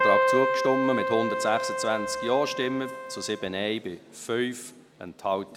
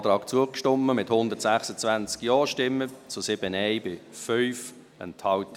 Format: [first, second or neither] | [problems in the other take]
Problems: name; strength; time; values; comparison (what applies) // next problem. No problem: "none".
second | background sound (Keyboard (musical)); 1 dB above the speech